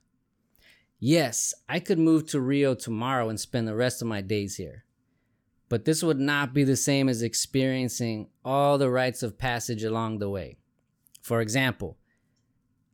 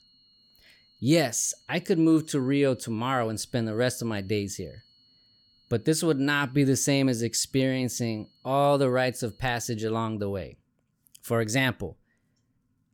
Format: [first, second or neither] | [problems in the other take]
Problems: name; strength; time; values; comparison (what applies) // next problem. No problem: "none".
first | high-pitched whine; faint; until 9.5 s; 4.5 kHz, 35 dB below the speech